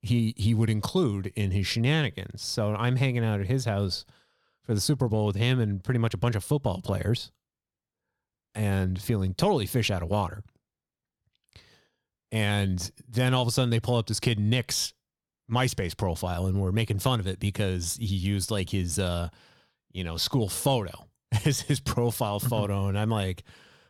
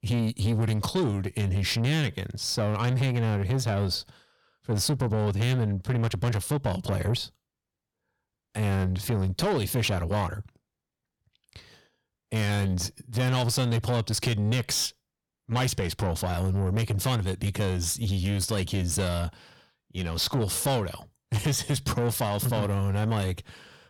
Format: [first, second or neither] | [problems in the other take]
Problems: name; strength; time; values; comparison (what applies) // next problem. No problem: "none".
first | distortion; slight; 10 dB below the speech